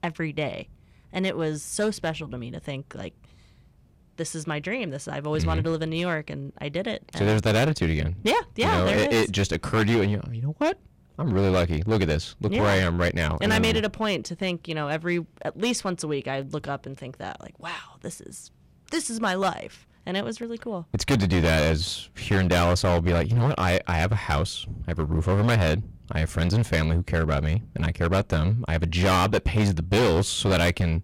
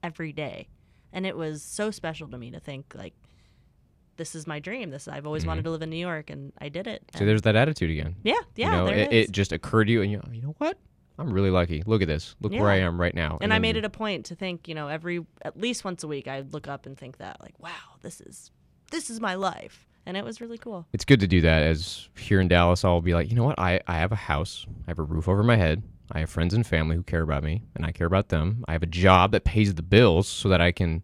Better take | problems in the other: second | distortion; heavy; 9% of the sound clipped

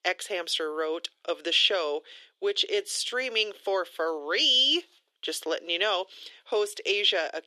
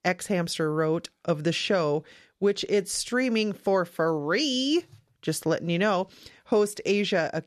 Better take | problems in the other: second | thin; very; fading below 350 Hz

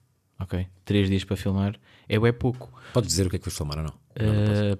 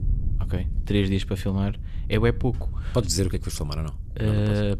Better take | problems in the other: first | wind noise on the microphone; occasional gusts; 20 dB below the speech

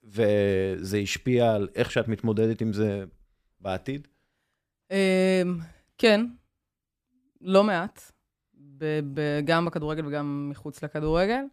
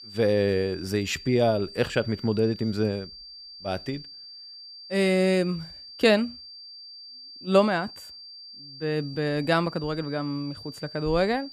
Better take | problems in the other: first | high-pitched whine; noticeable; throughout; 4.5 kHz, 15 dB below the speech

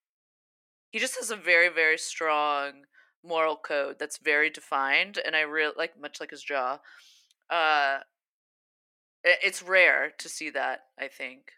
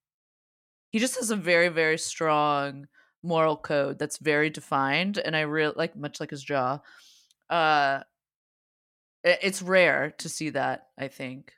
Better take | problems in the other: second | thin; somewhat; fading below 350 Hz

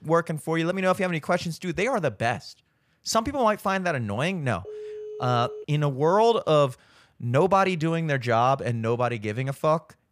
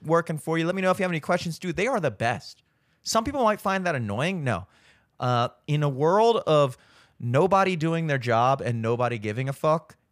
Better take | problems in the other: second | phone ringing; faint; from 4.5 to 5.5 s; peak 10 dB below the speech

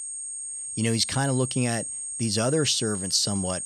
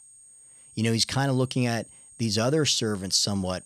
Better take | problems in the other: second | high-pitched whine; loud; throughout; 8.5 kHz, 6 dB below the speech; faint in the second

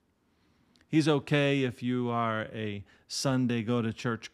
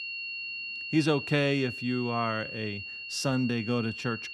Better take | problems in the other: first | high-pitched whine; loud; throughout; 3 kHz, 7 dB below the speech

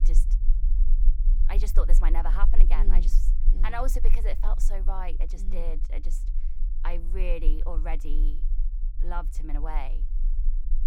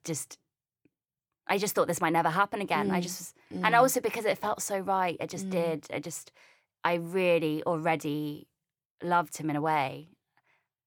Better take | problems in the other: second | low rumble; noticeable; throughout; 15 dB below the speech

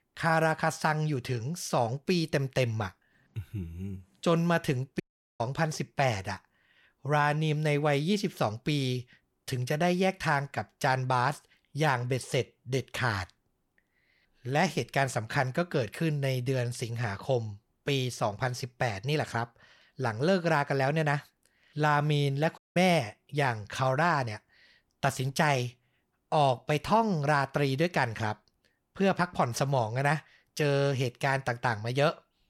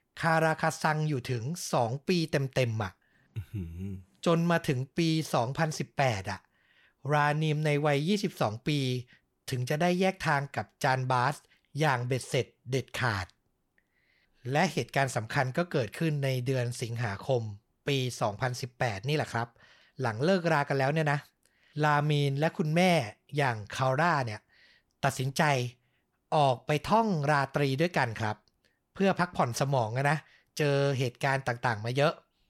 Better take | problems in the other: second | audio cutting out; at 5 s and at 23 s

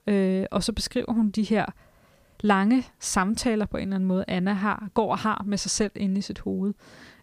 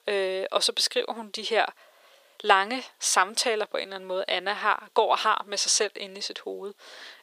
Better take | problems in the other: first | thin; very; fading below 450 Hz

